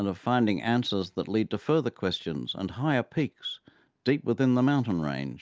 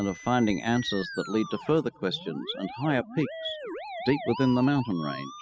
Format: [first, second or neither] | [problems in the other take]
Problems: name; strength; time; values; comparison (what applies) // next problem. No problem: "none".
first | noise reduction (classical method spectral subtraction)